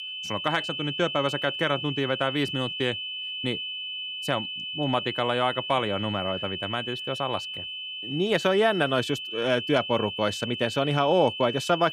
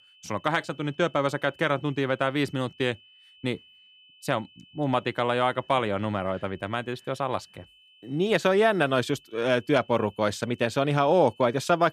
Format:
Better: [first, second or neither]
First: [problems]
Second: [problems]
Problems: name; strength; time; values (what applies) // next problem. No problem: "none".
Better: second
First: high-pitched whine; loud; throughout; 3 kHz, 5 dB below the speech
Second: high-pitched whine; faint; throughout; 3 kHz, 30 dB below the speech